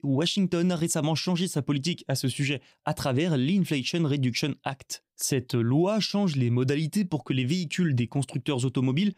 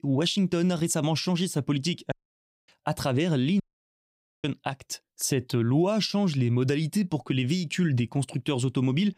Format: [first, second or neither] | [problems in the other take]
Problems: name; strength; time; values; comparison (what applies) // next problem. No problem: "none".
first | audio cutting out; at 2 s for 0.5 s and at 3.5 s for 1 s